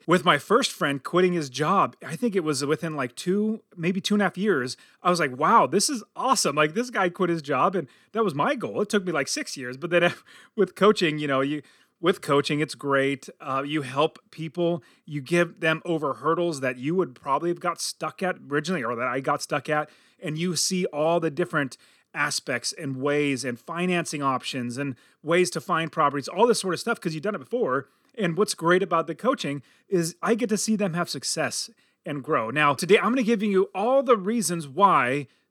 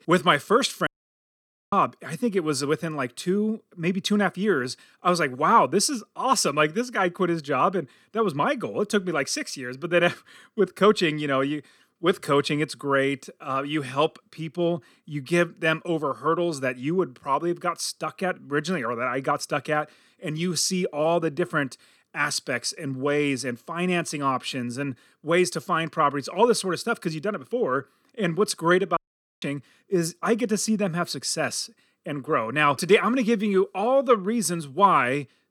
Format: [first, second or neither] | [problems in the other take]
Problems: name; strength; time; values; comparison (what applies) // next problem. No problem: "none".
first | audio cutting out; at 1 s for 1 s and at 29 s